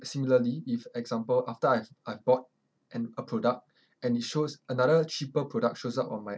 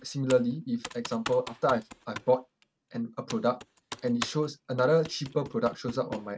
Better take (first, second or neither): first